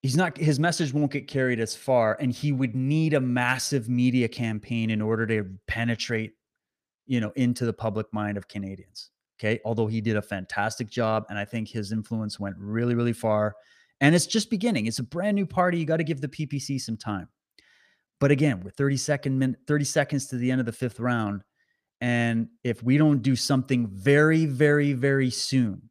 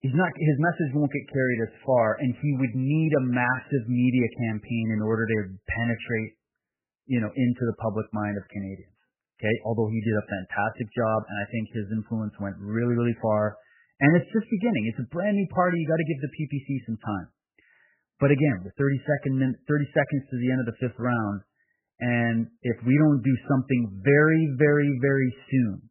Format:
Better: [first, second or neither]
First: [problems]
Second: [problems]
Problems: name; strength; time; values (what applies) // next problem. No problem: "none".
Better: first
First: none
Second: garbled, watery; badly; nothing above 3 kHz